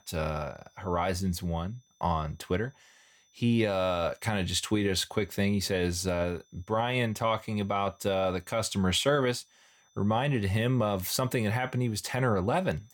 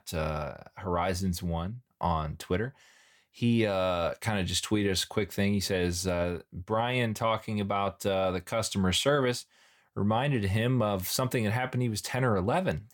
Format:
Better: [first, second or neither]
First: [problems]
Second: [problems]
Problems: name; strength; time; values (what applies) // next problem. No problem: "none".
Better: second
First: high-pitched whine; faint; throughout; 6 kHz, 35 dB below the speech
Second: none